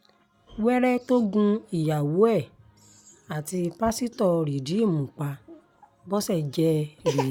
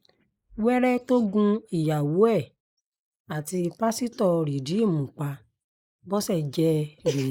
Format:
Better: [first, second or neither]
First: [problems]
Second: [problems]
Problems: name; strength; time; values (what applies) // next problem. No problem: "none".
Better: first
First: none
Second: noise reduction (neural mask model Resemble Enhance denoiser)